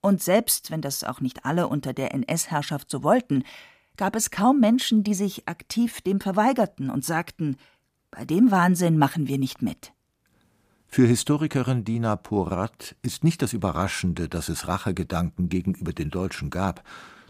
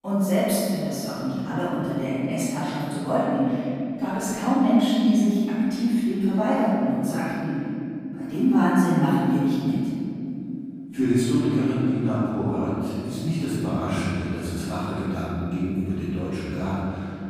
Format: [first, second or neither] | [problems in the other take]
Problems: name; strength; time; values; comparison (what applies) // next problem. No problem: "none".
first | room echo; strong; dies away in 3 s // off-mic speech; far